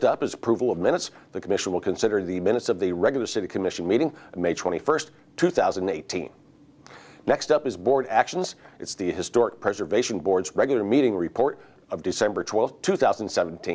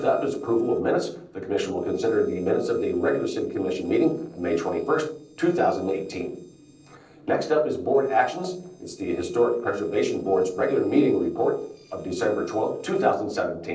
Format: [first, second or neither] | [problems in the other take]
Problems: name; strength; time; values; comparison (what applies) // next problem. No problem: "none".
first | noise reduction (neural separator model SepFormer DNS4)